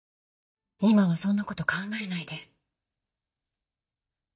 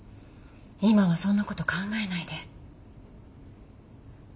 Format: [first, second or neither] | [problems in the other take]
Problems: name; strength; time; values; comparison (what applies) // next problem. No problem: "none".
second | noise reduction (neural mask model DeepFilterNet 3)